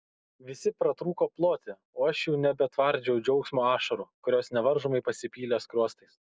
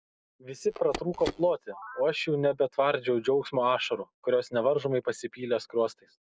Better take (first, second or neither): first